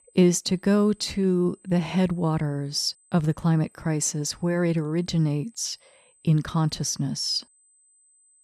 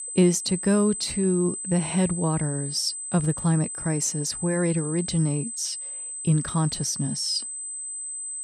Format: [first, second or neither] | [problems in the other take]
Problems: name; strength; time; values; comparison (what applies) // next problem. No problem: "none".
first | high-pitched whine; loud; throughout; 8 kHz, 6 dB below the speech; faint in the first